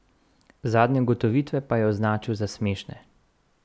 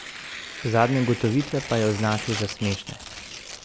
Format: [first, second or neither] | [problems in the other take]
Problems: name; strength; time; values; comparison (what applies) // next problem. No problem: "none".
first | background sound (Tearing); 10 dB below the speech